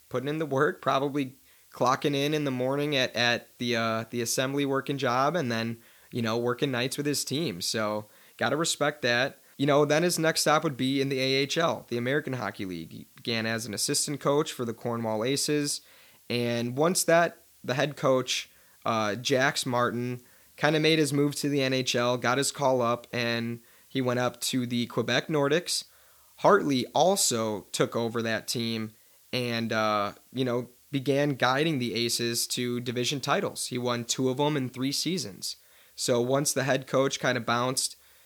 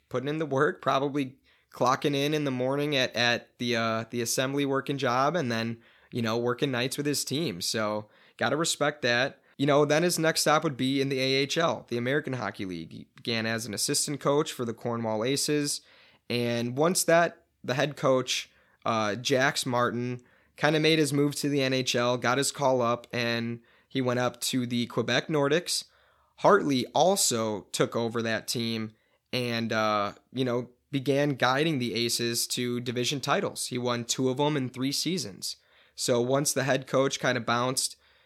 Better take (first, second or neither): second